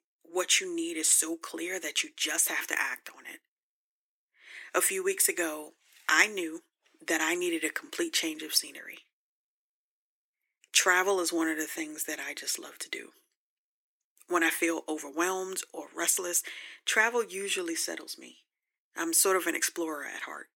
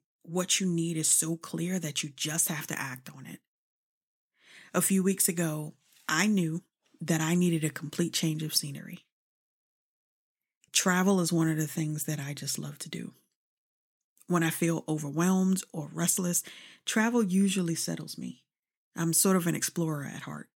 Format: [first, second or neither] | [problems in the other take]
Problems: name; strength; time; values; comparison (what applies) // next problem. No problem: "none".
second | thin; very; fading below 350 Hz